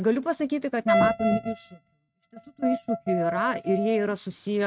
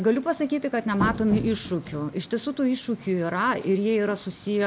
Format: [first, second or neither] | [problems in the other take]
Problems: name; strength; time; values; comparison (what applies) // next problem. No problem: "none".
second | noise reduction (neural mask model RNNoise)